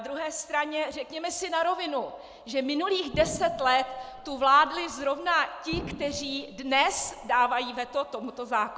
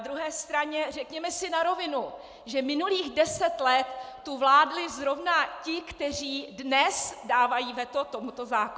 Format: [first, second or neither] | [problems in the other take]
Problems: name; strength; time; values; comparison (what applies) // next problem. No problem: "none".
second | background sound (Explosion); 15 dB below the speech